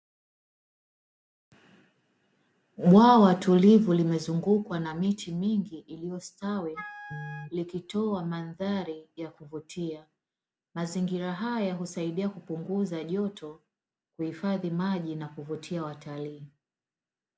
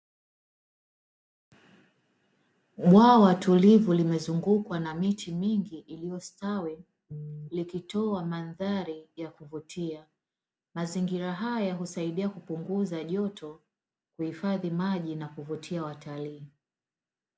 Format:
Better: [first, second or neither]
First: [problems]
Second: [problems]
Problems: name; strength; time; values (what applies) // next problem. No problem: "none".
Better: second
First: background sound (Wind instrument, woodwind instrument); 16 dB below the speech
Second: none